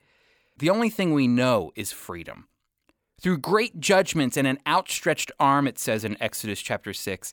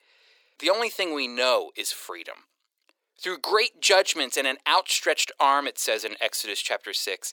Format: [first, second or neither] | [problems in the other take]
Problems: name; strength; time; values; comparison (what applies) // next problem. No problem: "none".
first | thin; very; fading below 400 Hz